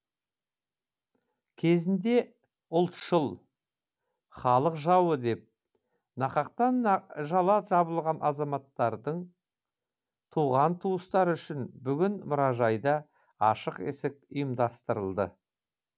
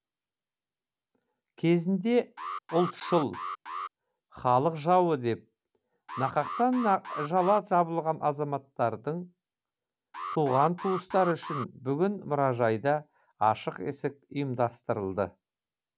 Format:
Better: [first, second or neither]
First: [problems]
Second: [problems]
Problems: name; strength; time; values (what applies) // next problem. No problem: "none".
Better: first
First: none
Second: background sound (Alarm); 9 dB below the speech